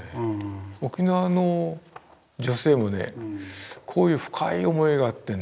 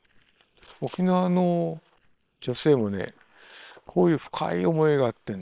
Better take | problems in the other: first | noise reduction (neural separator model SepFormer WHAM!)

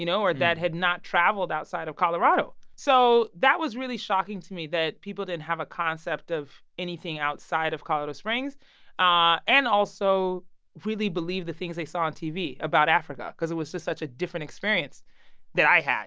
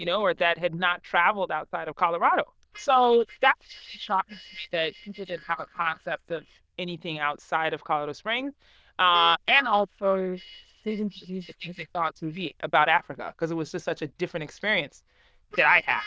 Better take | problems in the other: first | noise reduction (neural diffusion model UNIVERSE++)

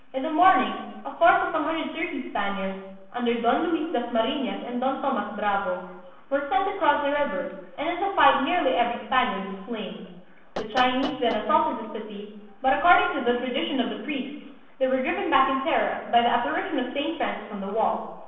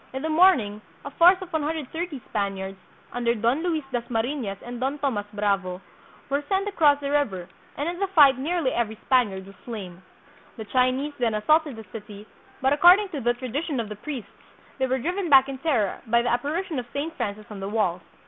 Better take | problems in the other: second | noise reduction (neural separator model SepFormer DNS4)

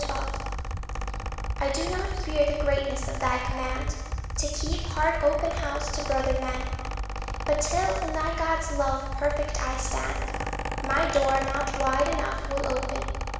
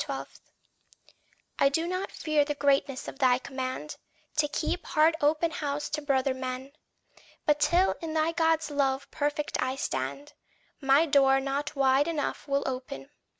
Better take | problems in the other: second | background sound (Mechanical fan); 2 dB below the speech // room echo; dies away in 1.2 s

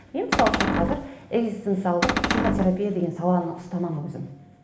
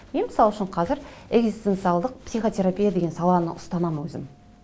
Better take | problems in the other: second | background sound (Cupboard open or close); 2 dB above the speech // room echo; dies away in 1.1 s

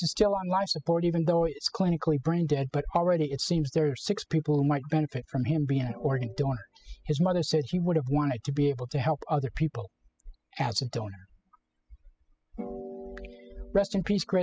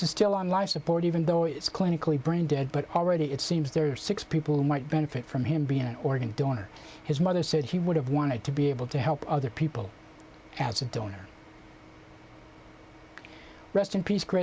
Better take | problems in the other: second | noise reduction (classical method spectral subtraction)

